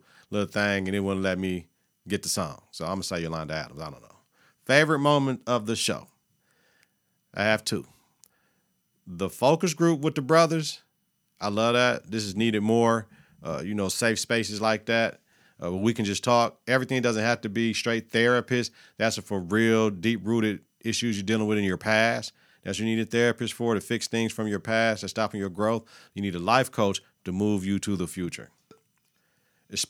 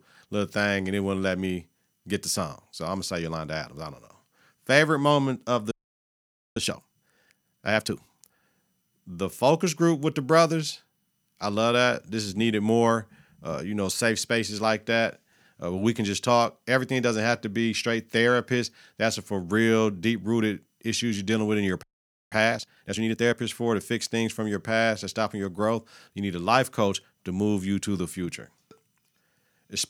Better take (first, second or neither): first